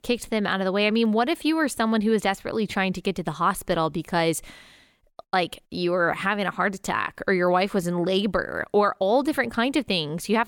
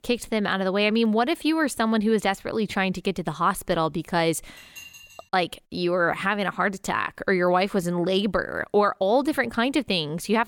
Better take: first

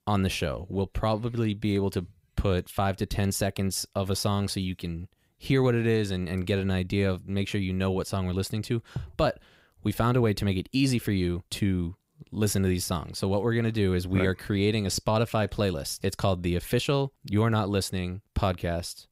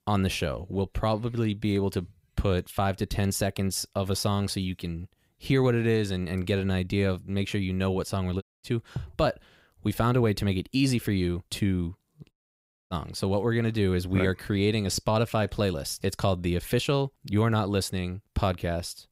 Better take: first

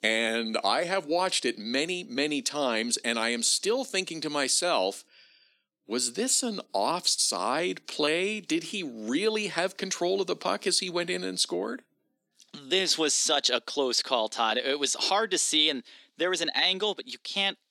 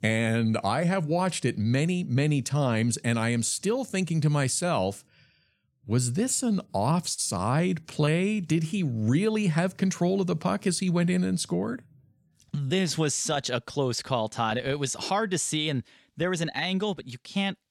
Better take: second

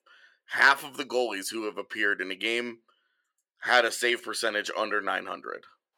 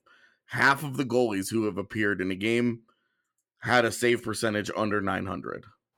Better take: second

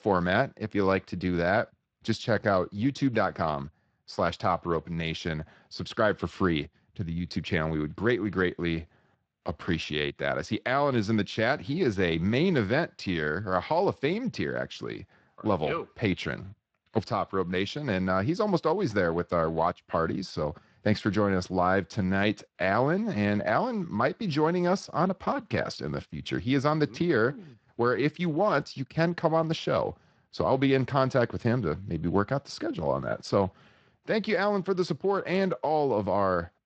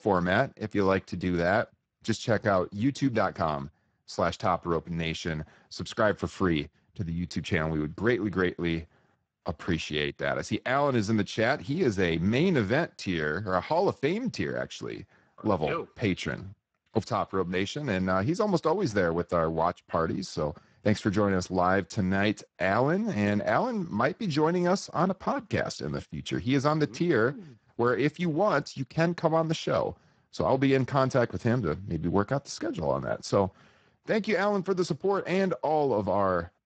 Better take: first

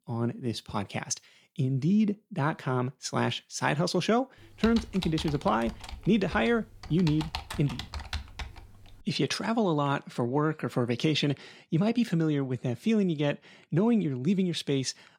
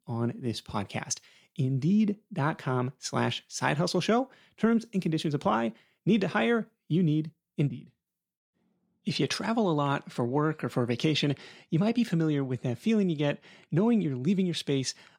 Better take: second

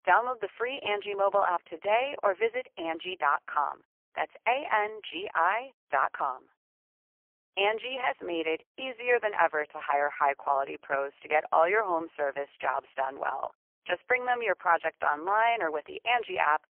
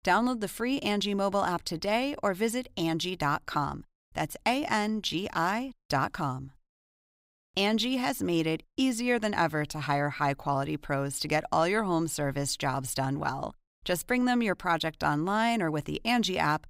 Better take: second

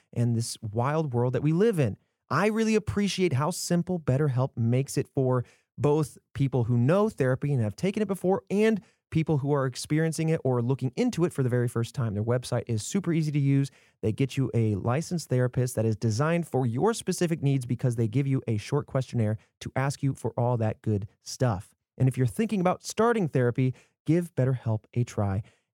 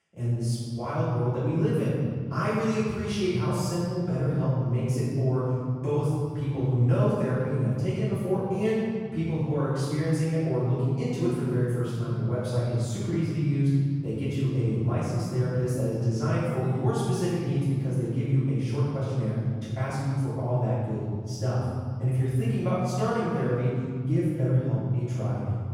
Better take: first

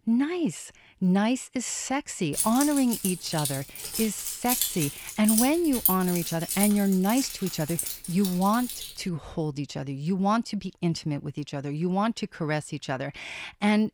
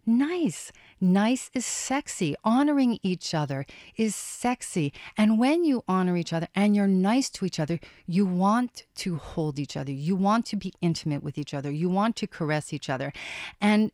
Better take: second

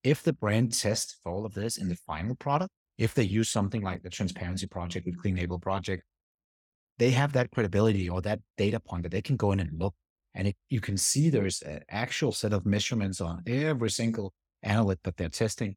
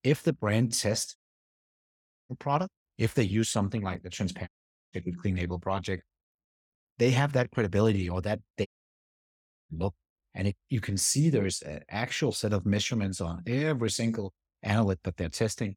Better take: first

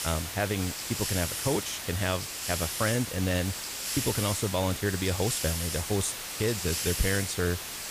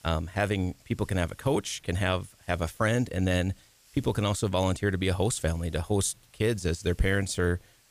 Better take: second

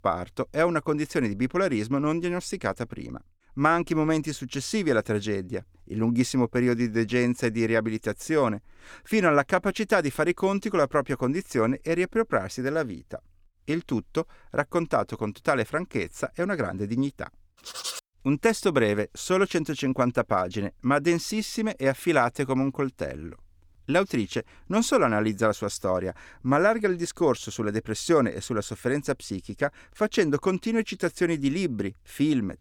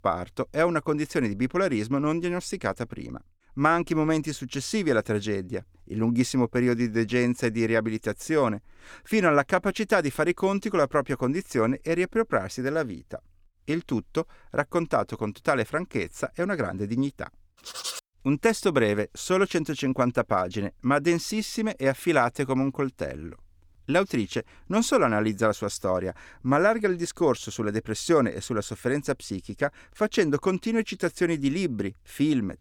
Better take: neither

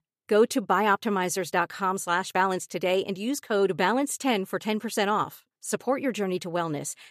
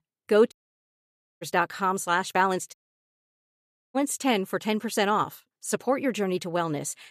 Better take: first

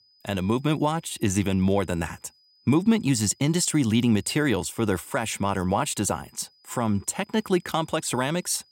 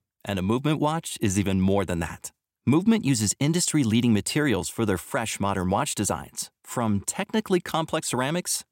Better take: second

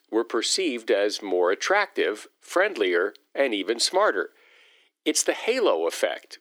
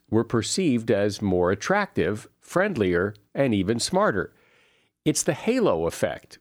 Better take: second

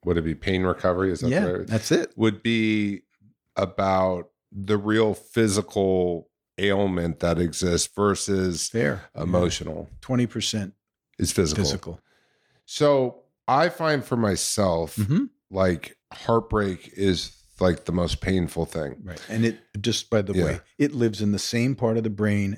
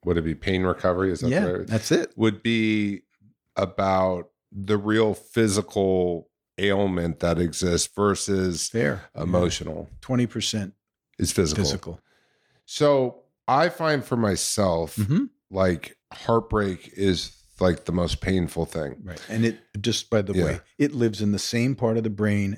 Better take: neither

